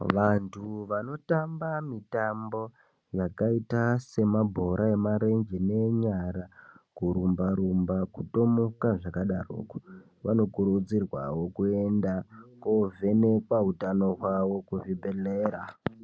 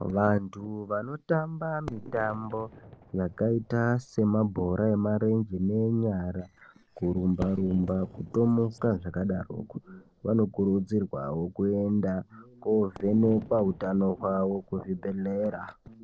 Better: first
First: none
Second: noise reduction (neural separator model SepFormer DNS4)

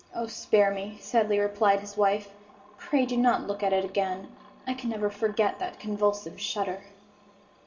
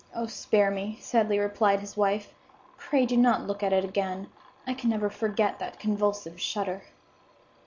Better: second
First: room echo; dies away in 1.9 s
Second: none

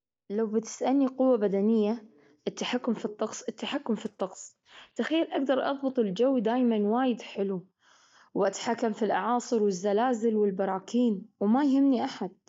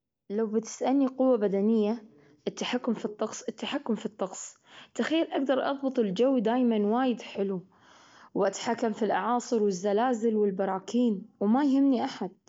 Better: second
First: noise reduction (neural mask model DeepFilterNet 3)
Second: none

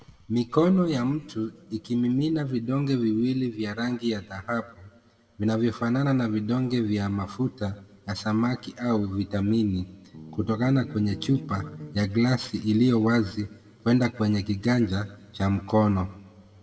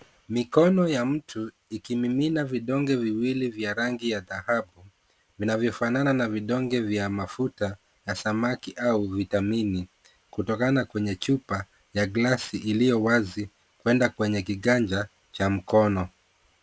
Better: second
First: background sound (Bass guitar); 14 dB below the speech // room echo; dies away in 1.6 s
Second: none

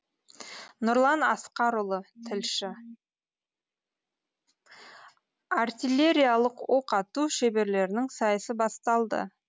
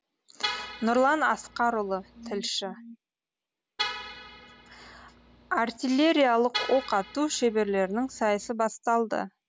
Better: first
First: none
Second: background sound (Vehicle horn, car horn, honking); 11 dB below the speech

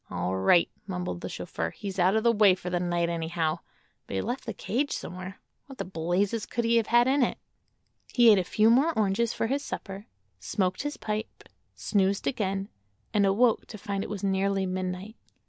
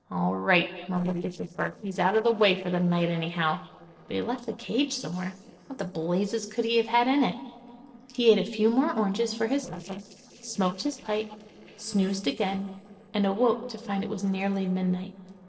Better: first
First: none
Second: noise reduction (neural separator model SepFormer DNS4)

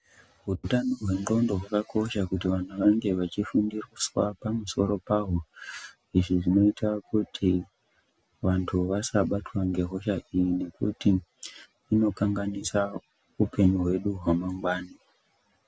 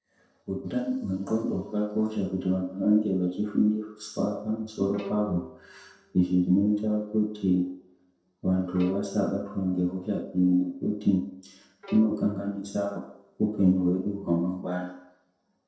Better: first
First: none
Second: noise reduction (neural separator model SepFormer DNS4)

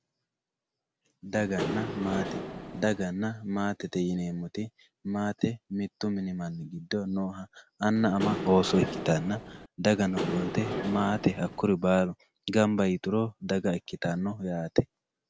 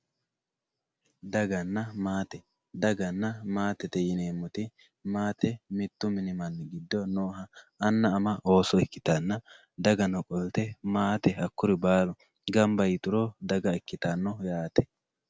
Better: second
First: background sound (Engine / Mechanisms); 5 dB below the speech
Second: none

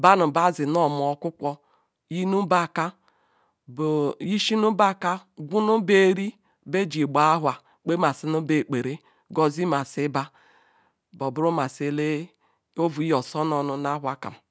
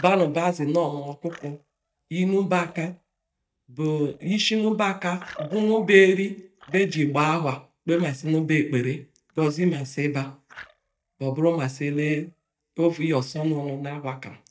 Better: first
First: none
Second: noise reduction (neural mask model DeepFilterNet 3)

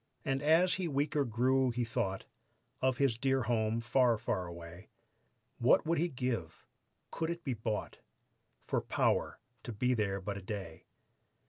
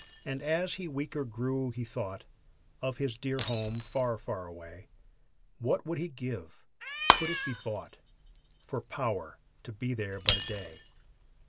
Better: first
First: none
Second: background sound (Shatter + Cat); 2 dB below the speech

